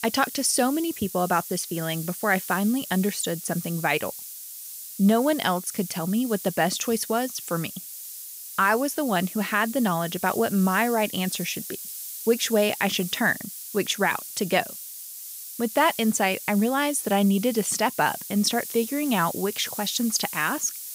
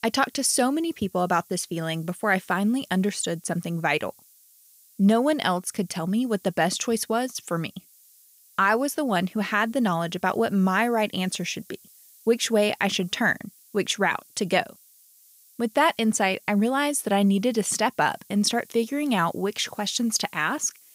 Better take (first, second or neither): second